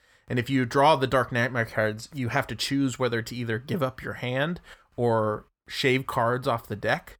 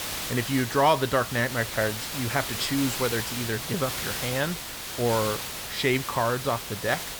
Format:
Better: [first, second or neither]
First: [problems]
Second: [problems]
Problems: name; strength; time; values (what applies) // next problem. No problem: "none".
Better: first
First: none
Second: hiss; loud; throughout; 5 dB below the speech